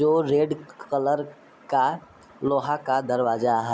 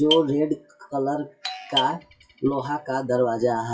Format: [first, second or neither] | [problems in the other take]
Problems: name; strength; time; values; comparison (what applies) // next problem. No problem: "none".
first | noise reduction (classical method WPE with log-MMSE)